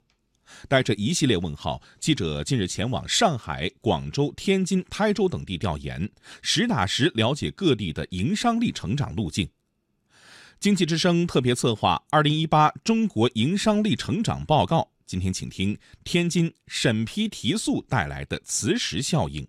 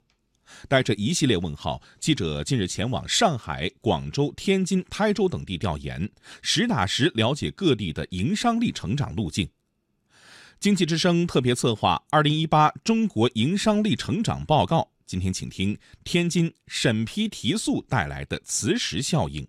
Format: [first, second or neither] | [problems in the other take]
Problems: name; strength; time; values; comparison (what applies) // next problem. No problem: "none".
neither | none